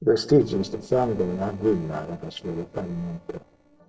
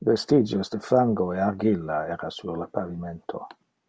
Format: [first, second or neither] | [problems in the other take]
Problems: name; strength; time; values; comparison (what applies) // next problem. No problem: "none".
second | noise reduction (neural separator model SepFormer DNS4)